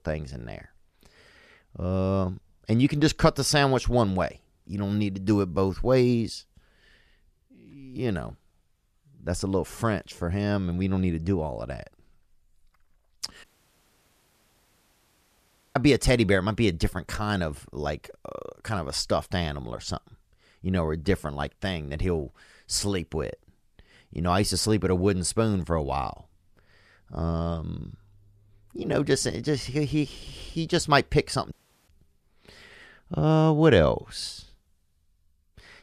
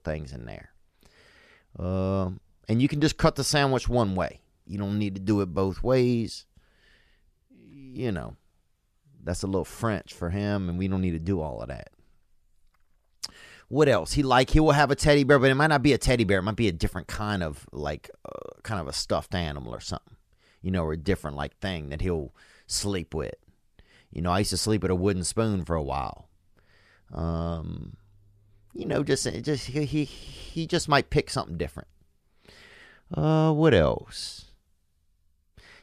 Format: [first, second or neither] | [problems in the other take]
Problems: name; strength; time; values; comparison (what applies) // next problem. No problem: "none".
second | audio cutting out; at 13 s for 2.5 s and at 32 s